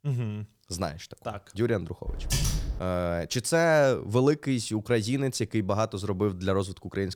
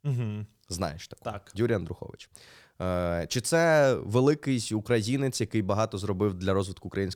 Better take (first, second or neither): second